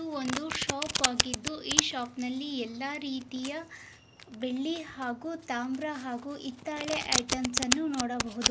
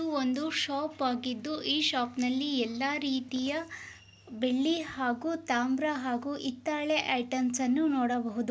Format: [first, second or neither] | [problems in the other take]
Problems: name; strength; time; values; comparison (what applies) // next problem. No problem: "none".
second | background sound (Domestic sounds, home sounds); as loud as the speech